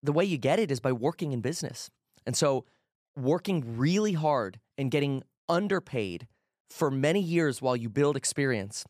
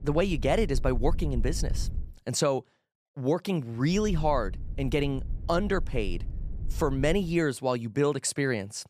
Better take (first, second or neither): first